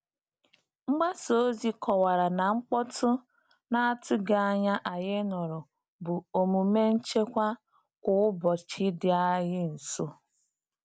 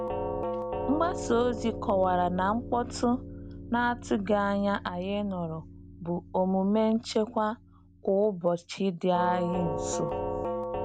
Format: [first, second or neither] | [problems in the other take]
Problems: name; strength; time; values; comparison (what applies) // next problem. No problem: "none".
first | background sound (Doorbell); 7 dB below the speech